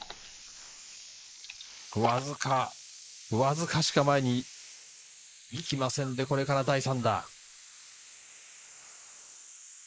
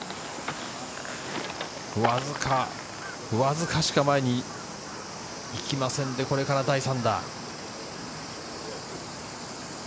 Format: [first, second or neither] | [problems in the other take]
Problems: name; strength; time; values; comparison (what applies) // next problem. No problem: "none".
second | noise reduction (neural mask model Resemble Enhance denoiser)